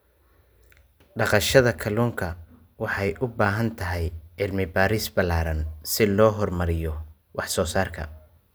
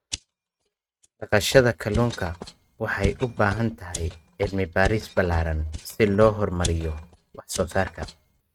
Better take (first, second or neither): first